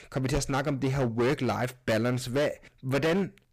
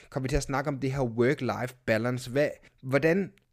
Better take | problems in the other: second | distortion; heavy; 14% of the sound clipped

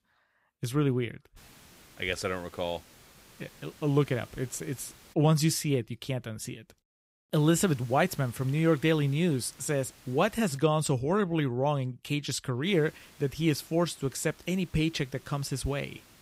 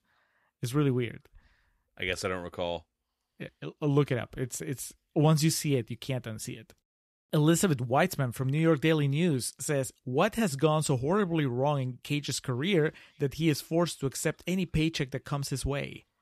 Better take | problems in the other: second | hiss; faint; from 1.5 to 5 s, from 7.5 to 11 s and from 13 s on; 25 dB below the speech

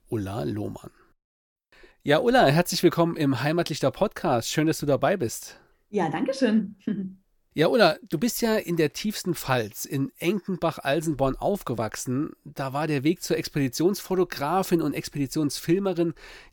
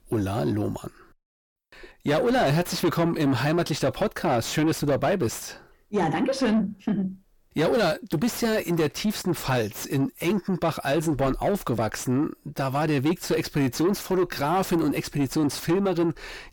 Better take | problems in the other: first | distortion; heavy; 8 dB below the speech

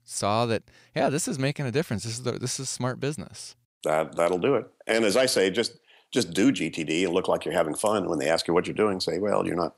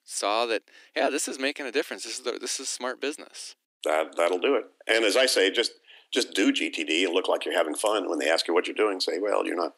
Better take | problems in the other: first | thin; very slightly; fading below 300 Hz

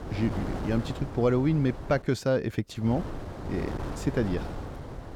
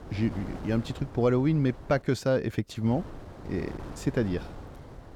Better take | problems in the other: second | wind noise on the microphone; heavy; until 2 s and from 3 s on; 9 dB below the speech; occasional gusts in the second

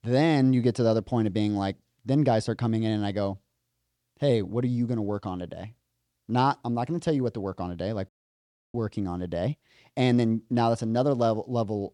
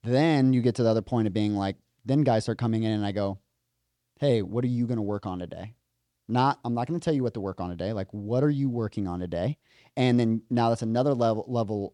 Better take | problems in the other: second | audio cutting out; at 8 s for 0.5 s

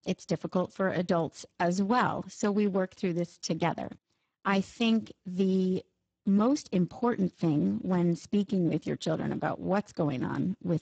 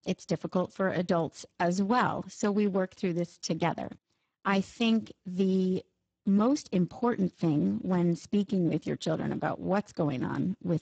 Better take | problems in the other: neither | garbled, watery; badly; nothing above 7.5 kHz; the same in both

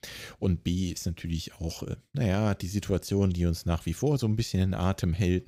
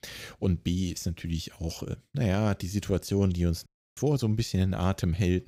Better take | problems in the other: first | audio cutting out; at 3.5 s

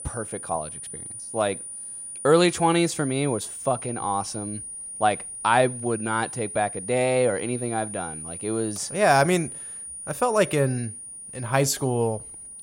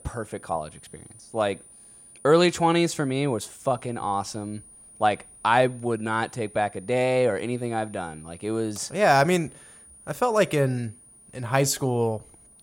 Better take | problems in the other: second | high-pitched whine; loud; throughout; 9.5 kHz, 10 dB below the speech; faint in the second

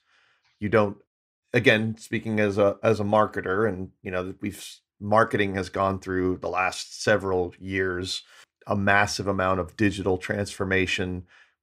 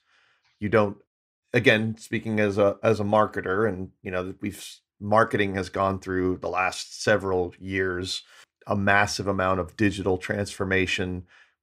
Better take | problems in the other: neither | none

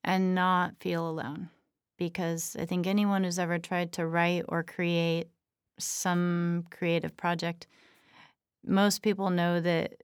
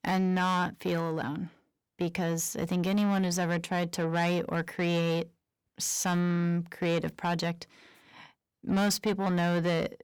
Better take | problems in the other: first | distortion; slight; 10 dB below the speech

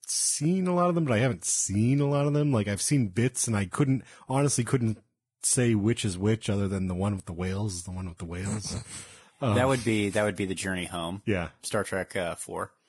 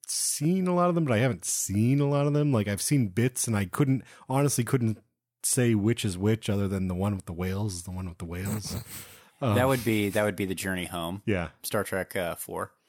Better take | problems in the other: second | garbled, watery; badly; nothing above 10.5 kHz

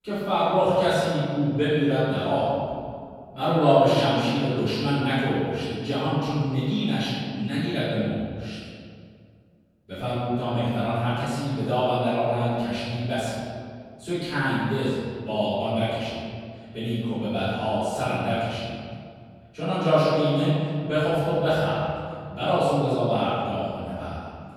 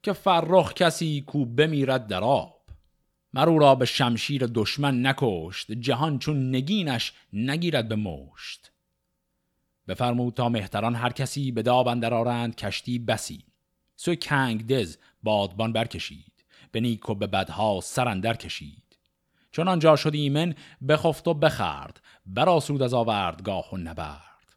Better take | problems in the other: second | off-mic speech; far // room echo; strong; dies away in 2 s

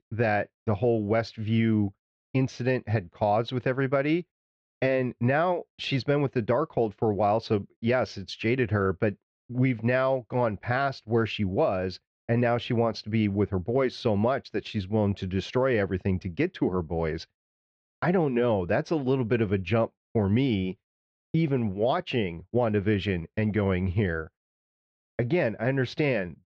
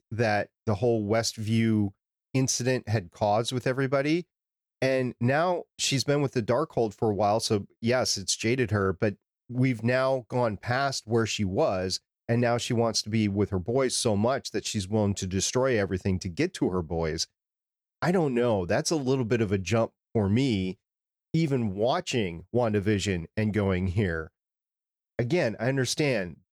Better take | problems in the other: second | muffled; slightly; fading above 3.5 kHz

